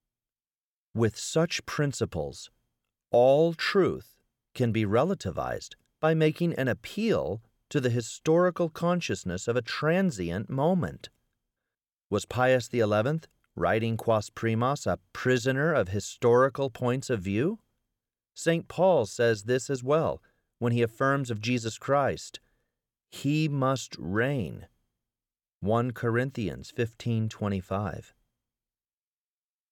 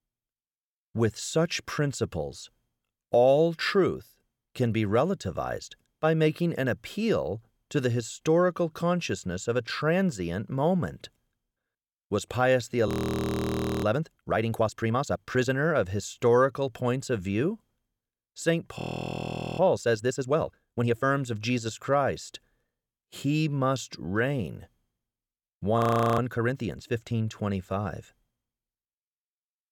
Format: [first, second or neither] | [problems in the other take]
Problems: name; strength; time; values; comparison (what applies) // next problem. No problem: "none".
first | audio freezing; at 13 s for 1 s, at 19 s for 1 s and at 26 s